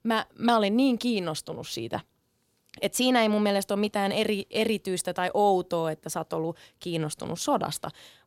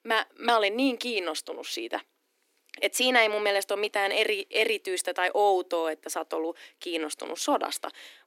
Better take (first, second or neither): first